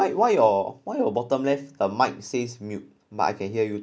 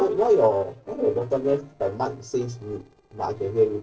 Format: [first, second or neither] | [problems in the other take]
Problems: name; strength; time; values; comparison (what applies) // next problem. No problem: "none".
first | noise reduction (neural separator model SepFormer DNS4)